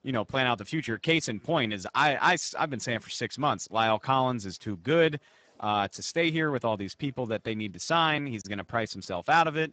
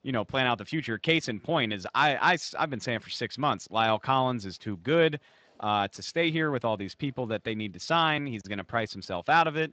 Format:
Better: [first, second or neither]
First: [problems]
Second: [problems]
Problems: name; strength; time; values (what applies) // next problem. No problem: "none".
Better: second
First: garbled, watery; badly; nothing above 7.5 kHz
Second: garbled, watery; slightly; nothing above 7.5 kHz